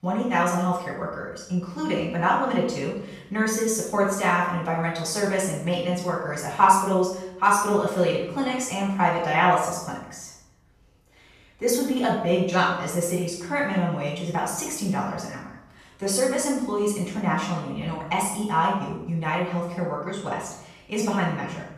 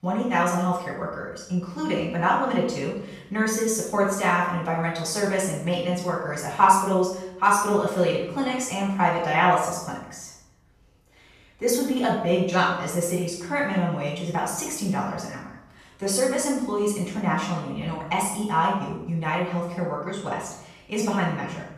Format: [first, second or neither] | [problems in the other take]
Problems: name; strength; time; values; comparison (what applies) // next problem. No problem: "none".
neither | off-mic speech; far; the same in both // room echo; noticeable; dies away in 0.7 s; the same in both